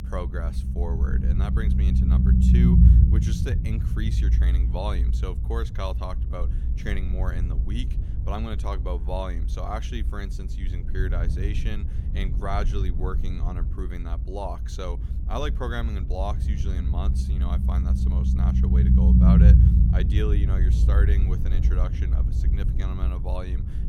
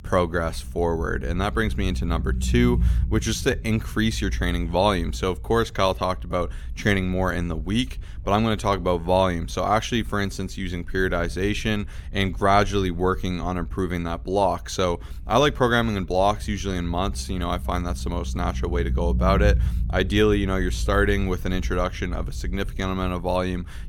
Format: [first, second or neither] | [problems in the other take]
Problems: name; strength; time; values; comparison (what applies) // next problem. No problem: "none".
second | low rumble; loud; throughout; 1 dB below the speech; faint in the second